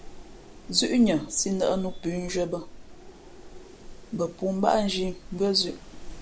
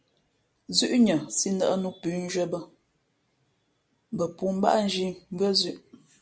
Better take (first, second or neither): second